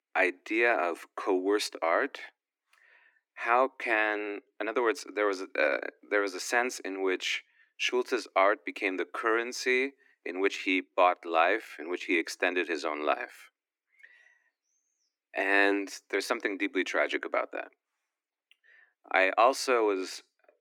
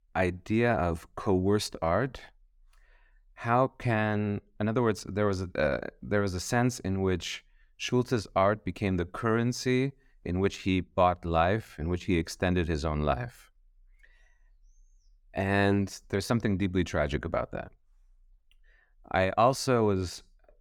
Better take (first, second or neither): second